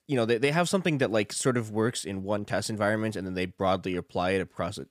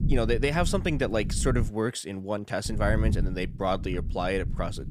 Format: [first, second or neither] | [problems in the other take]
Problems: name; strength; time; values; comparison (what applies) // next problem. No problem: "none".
first | low rumble; noticeable; until 1.5 s and from 2.5 s on; 15 dB below the speech